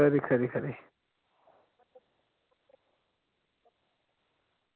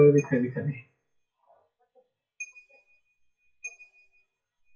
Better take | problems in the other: first | noise reduction (classical method WPE with log-MMSE)

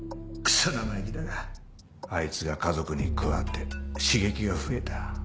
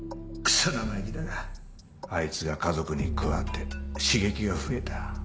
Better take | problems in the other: first | room echo; dies away in 0.3 s

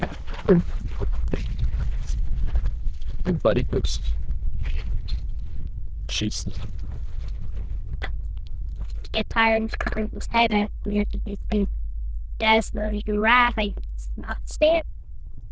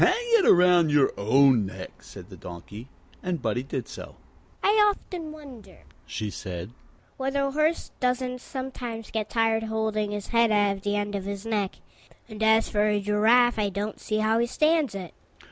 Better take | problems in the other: second | noise reduction (neural diffusion model UNIVERSE++)

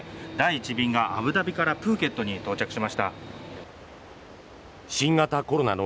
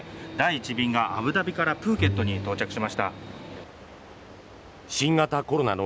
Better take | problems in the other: first | background sound (Bowed string instrument); 7 dB below the speech

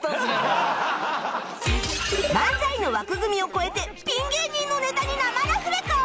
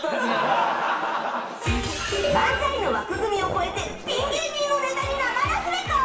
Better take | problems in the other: first | background sound (Zipper (clothing)); 11 dB below the speech // room echo; dies away in 0.7 s

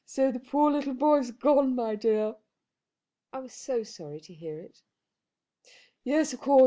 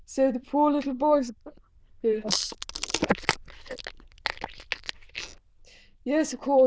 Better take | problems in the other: first | noise reduction (neural diffusion model UNIVERSE++)

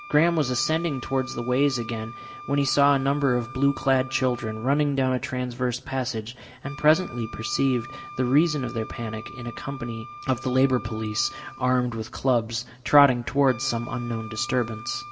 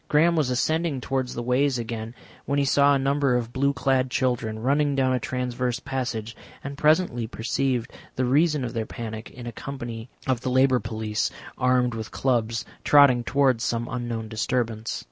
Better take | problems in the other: second | background sound (Wind instrument, woodwind instrument); 16 dB below the speech // room echo; dies away in 0.5 s

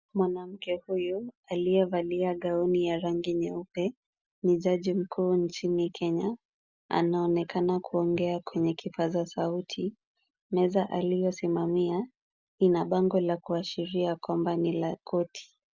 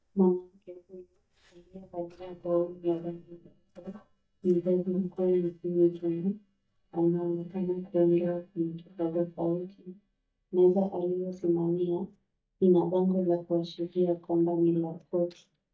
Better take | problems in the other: first | noise reduction (neural mask model DeepFilterNet 3)

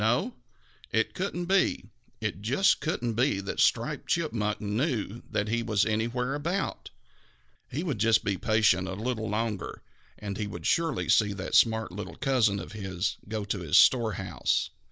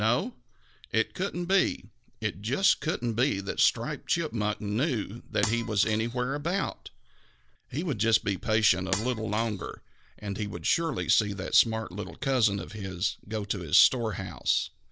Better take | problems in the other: first | background sound (Shatter); 10 dB below the speech

